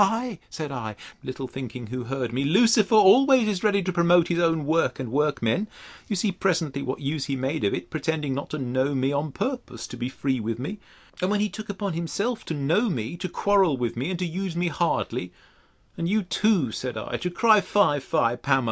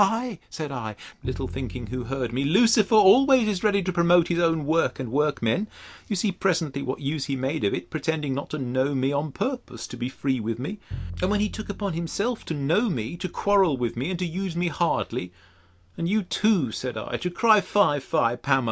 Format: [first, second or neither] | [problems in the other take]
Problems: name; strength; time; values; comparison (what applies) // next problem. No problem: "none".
first | background sound (Bowed string instrument); 19 dB below the speech